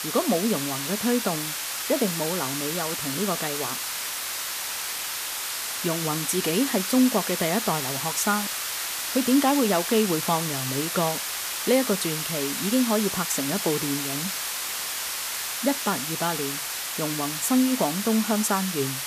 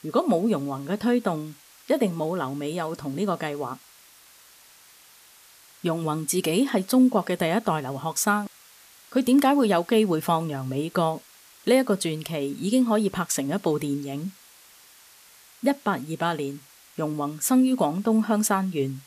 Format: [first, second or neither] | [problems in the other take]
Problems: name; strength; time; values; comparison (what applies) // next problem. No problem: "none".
second | hiss; loud; throughout; 2 dB below the speech; faint in the second